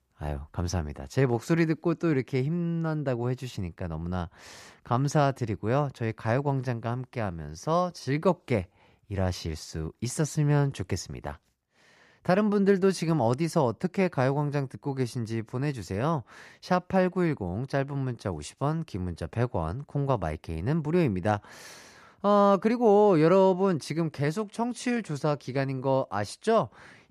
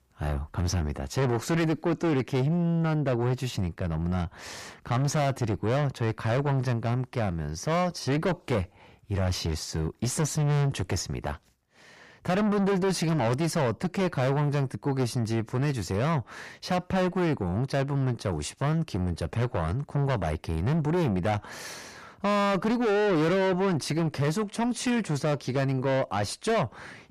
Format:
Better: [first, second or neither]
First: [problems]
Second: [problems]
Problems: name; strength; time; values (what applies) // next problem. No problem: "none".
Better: first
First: none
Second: distortion; heavy; 5 dB below the speech